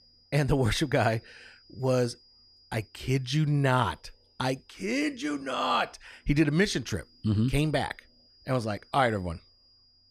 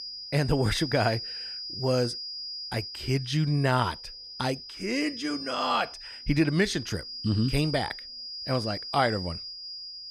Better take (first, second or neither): first